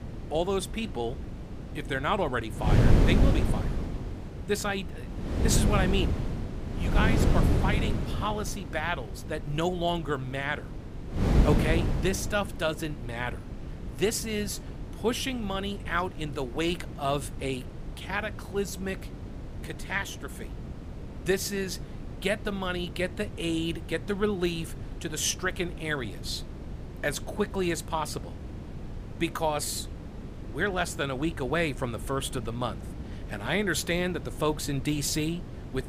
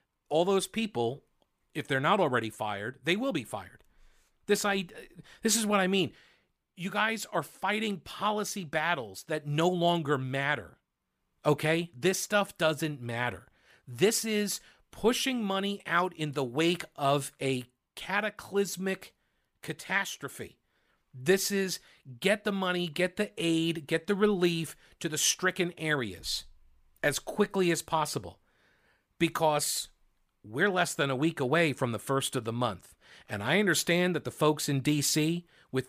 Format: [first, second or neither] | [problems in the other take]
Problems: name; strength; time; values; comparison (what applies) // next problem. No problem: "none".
second | wind noise on the microphone; heavy; 9 dB below the speech